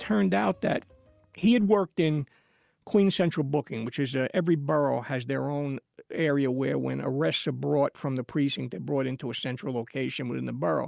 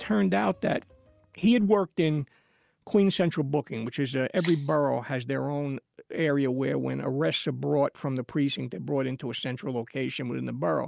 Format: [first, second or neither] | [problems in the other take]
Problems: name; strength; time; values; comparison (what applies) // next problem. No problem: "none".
first | background sound (Rattle (instrument)); 16 dB below the speech